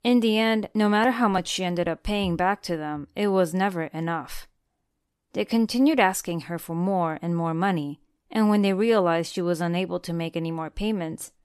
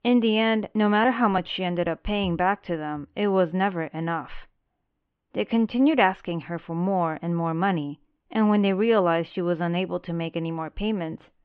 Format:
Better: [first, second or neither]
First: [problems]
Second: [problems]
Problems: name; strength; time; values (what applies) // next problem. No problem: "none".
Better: first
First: none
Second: muffled; very; fading above 3 kHz